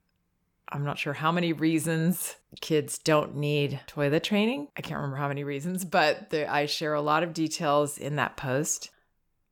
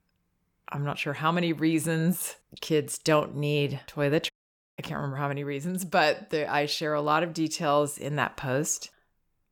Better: first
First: none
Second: audio cutting out; at 4.5 s

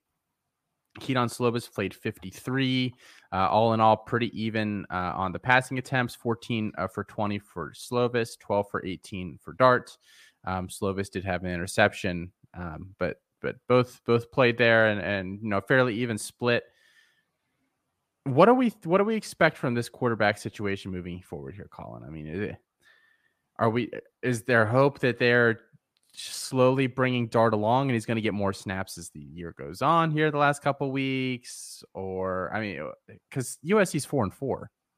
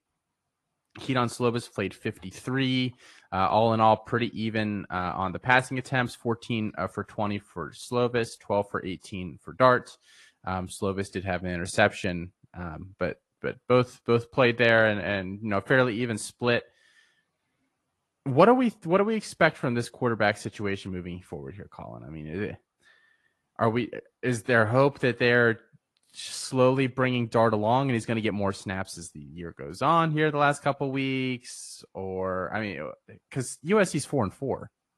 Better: first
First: none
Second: garbled, watery; slightly

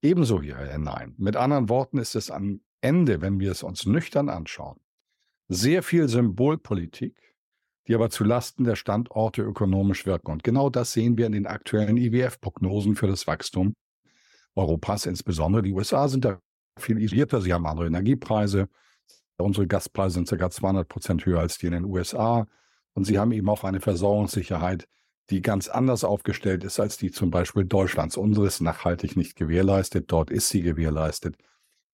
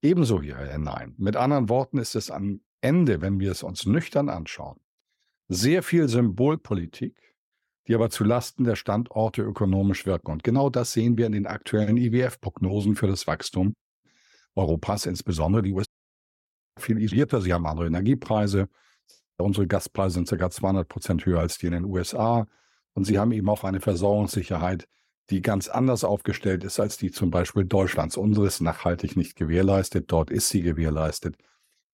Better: first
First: none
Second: audio cutting out; at 16 s for 0.5 s

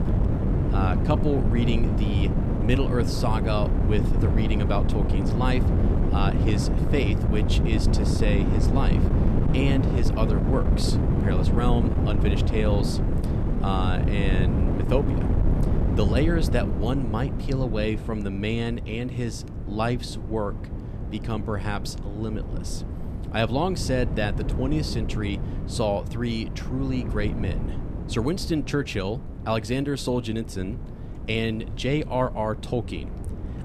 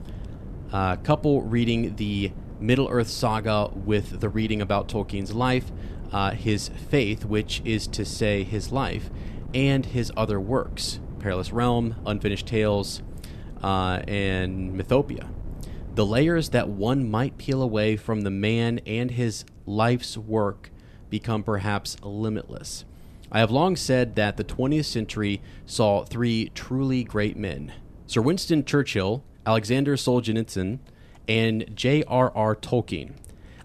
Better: second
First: wind noise on the microphone; heavy; 4 dB below the speech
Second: wind noise on the microphone; occasional gusts; 20 dB below the speech

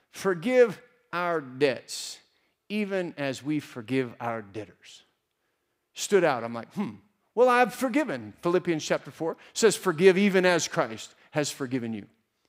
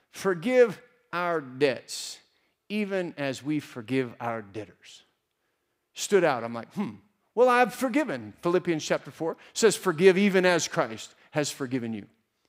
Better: neither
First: none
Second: none

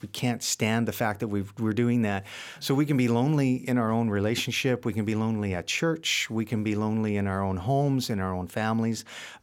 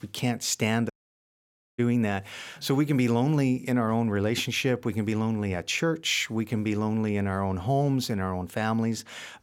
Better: first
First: none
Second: audio cutting out; at 1 s for 1 s

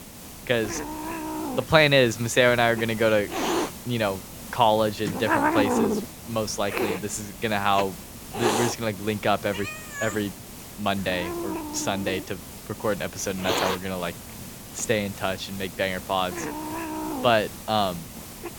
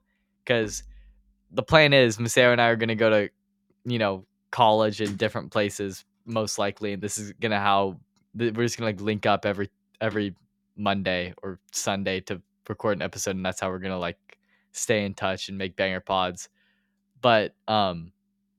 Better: second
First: hiss; loud; throughout; 6 dB below the speech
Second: none

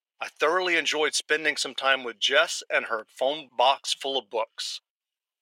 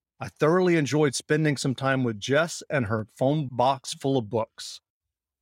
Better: second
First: thin; very; fading below 500 Hz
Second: none

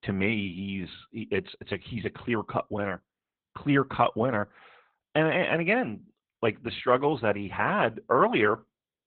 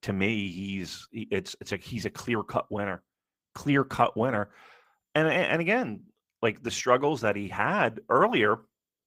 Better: second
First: garbled, watery; badly; nothing above 4 kHz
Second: garbled, watery; slightly; nothing above 15.5 kHz

